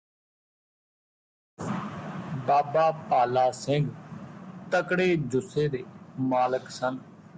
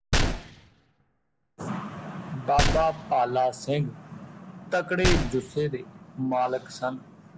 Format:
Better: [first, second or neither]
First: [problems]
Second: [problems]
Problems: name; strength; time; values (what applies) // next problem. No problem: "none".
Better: first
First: none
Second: background sound (Gunshot, gunfire); 2 dB below the speech